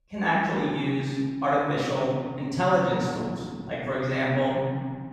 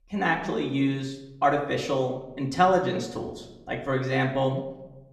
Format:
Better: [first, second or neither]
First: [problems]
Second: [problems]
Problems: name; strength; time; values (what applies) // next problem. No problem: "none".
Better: second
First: room echo; strong; dies away in 2.1 s // off-mic speech; far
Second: room echo; slight; dies away in 0.7 s // off-mic speech; far